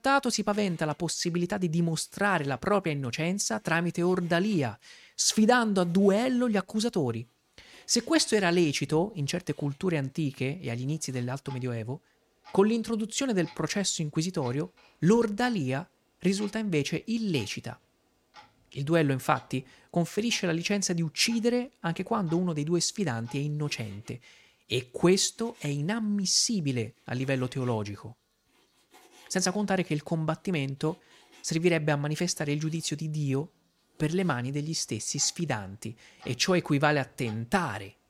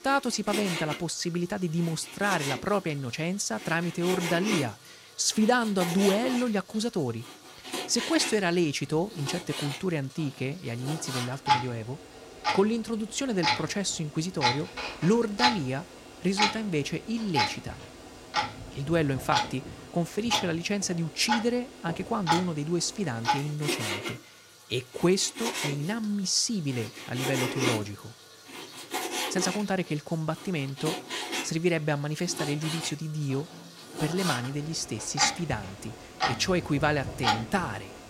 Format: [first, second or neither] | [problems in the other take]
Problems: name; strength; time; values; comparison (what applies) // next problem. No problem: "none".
first | household noises; loud; throughout; 3 dB below the speech; faint in the first